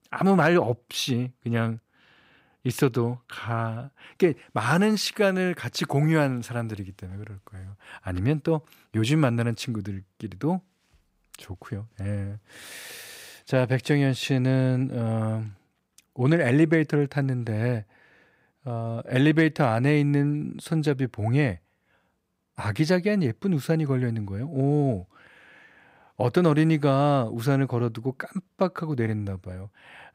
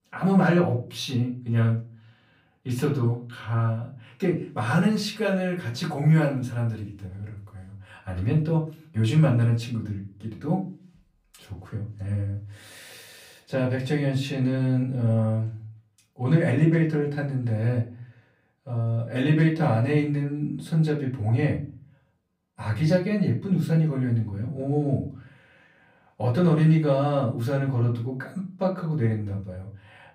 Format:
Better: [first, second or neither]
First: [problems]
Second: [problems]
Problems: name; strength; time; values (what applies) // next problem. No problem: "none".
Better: first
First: none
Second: room echo; slight; dies away in 0.4 s // off-mic speech; far